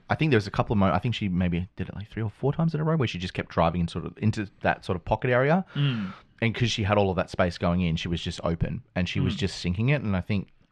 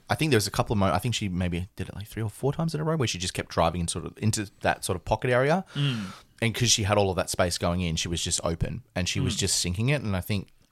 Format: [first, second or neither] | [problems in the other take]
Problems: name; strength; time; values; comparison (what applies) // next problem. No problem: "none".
second | muffled; slightly; fading above 2.5 kHz